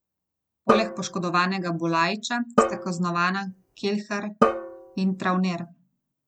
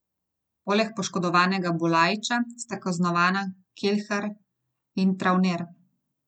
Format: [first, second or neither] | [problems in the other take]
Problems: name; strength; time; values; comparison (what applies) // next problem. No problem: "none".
second | background sound (Drum); 1 dB below the speech